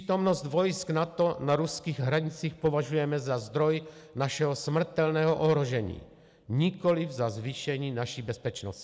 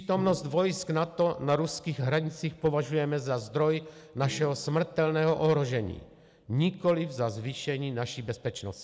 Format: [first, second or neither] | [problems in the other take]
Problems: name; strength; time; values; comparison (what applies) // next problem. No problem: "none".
first | background sound (Bowed string instrument); 19 dB below the speech